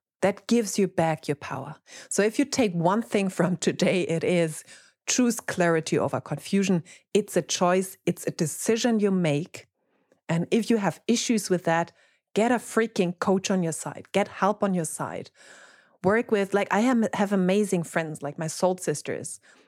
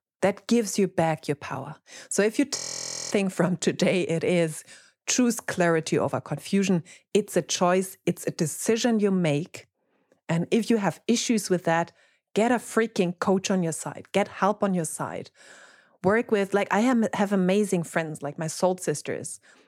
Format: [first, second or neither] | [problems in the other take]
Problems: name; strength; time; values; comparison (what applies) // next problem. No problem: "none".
first | audio freezing; at 2.5 s for 0.5 s